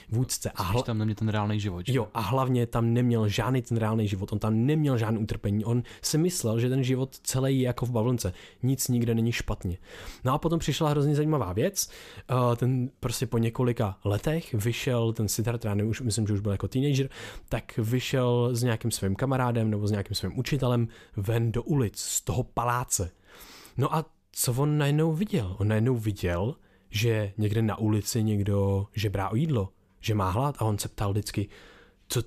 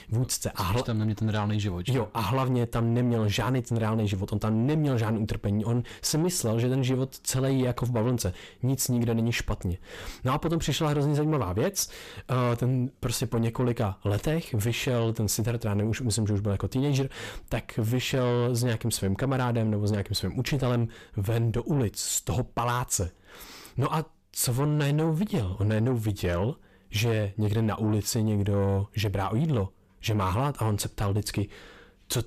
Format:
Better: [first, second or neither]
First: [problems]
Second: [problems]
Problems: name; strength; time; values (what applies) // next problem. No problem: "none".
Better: first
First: none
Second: distortion; slight; 10 dB below the speech